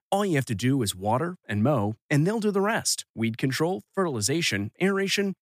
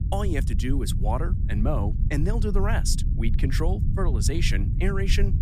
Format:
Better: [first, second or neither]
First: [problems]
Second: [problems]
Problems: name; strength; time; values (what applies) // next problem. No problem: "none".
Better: first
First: none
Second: low rumble; loud; throughout; 10 dB below the speech